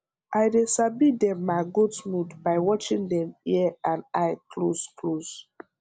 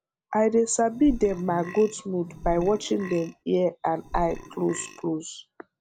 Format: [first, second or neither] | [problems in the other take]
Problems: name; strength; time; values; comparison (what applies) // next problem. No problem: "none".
first | background sound (Burping, eructation); 13 dB below the speech